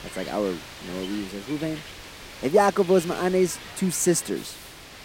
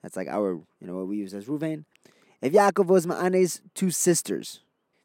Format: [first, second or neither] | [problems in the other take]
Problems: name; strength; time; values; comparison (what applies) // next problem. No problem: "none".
second | hiss; noticeable; throughout; 15 dB below the speech